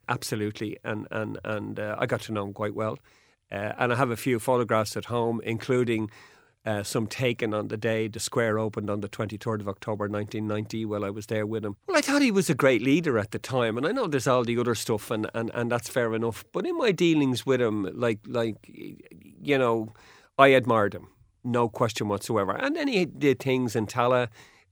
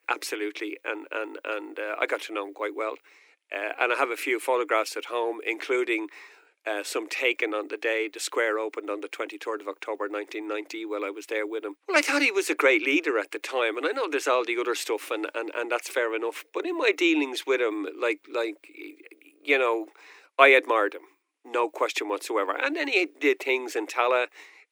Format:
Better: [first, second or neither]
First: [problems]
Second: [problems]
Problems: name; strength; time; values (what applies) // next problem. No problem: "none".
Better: first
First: none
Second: thin; somewhat; fading below 300 Hz